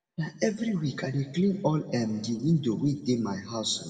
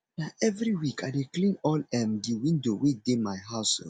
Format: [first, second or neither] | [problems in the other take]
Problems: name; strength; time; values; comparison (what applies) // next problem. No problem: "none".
second | room echo; dies away in 1.4 s